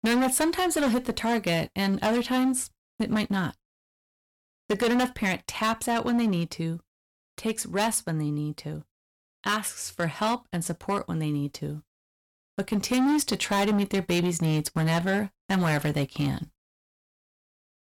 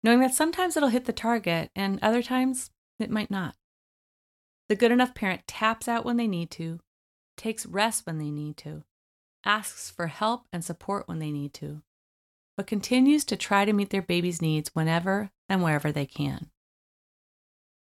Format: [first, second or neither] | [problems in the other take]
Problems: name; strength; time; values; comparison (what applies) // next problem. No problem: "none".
second | distortion; heavy; 11% of the sound clipped